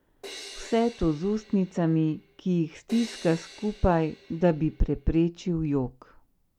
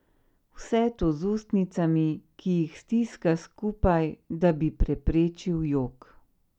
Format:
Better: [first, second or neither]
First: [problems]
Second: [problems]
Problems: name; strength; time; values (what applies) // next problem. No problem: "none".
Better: second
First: background sound (Crash cymbal); 20 dB below the speech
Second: none